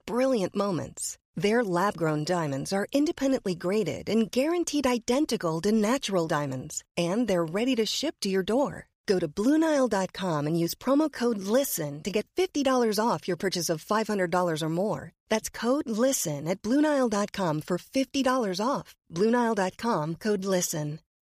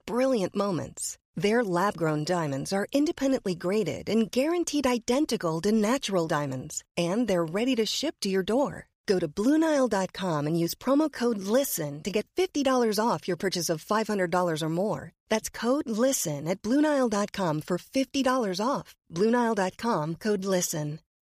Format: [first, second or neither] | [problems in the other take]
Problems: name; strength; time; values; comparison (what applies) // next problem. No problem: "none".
neither | none